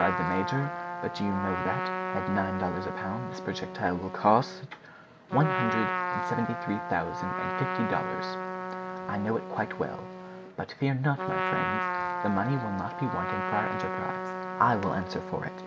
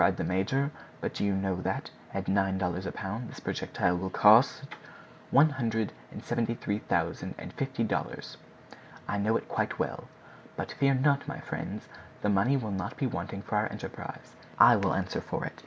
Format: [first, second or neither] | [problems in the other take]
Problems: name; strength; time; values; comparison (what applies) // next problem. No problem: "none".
second | background sound (Trumpet); 2 dB below the speech